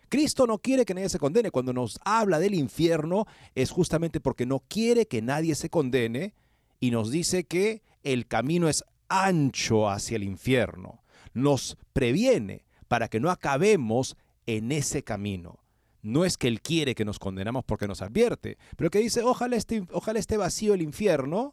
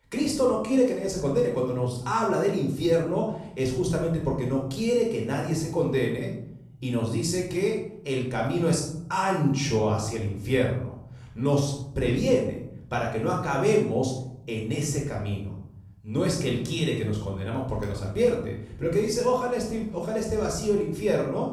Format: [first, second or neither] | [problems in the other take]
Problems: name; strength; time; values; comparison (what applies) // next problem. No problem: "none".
first | off-mic speech; somewhat distant // room echo; noticeable; dies away in 0.8 s